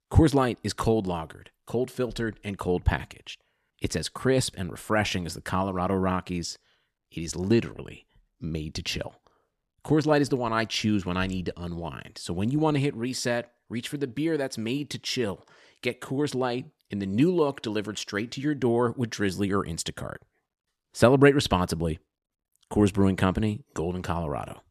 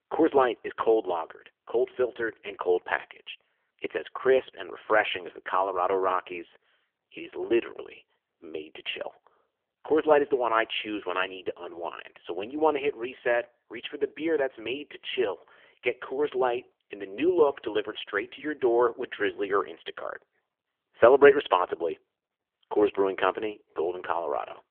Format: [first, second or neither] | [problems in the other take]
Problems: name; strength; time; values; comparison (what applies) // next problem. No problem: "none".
first | phone-call audio; poor line; nothing above 3.5 kHz